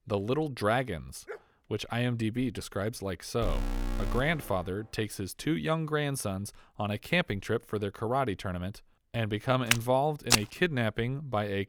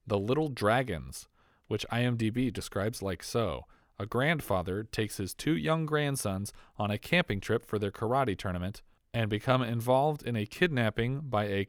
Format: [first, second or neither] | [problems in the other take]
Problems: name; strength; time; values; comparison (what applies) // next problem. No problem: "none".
second | dog barking; faint; at 1.5 s; peak 15 dB below the speech // alarm; noticeable; from 3.5 to 4.5 s; peak 4 dB below the speech // footsteps; loud; at 9.5 s; peak 5 dB above the speech